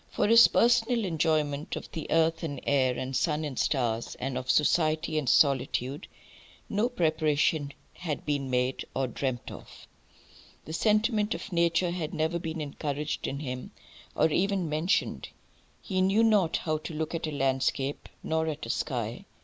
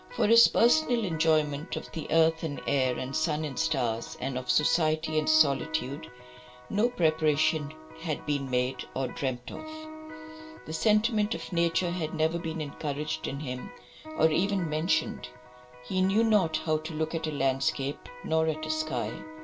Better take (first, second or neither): first